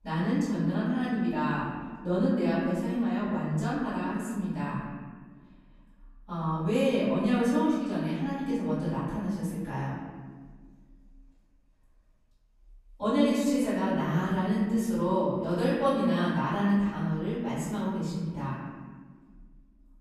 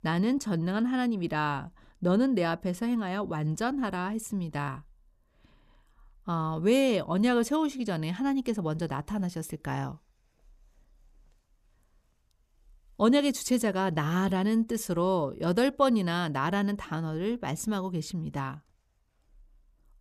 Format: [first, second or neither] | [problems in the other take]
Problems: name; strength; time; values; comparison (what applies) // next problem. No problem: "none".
second | off-mic speech; far // room echo; strong; dies away in 1.5 s